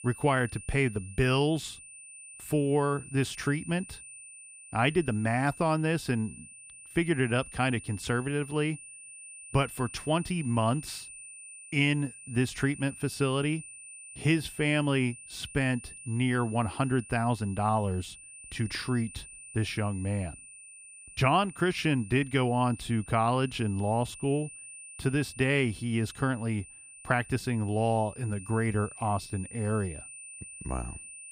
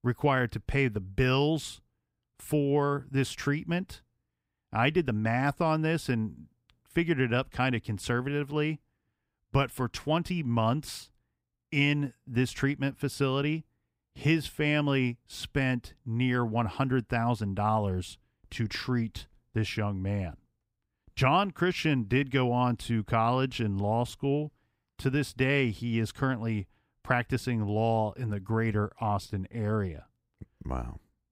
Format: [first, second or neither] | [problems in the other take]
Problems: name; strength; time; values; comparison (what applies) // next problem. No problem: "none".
second | high-pitched whine; noticeable; throughout; 9 kHz, 15 dB below the speech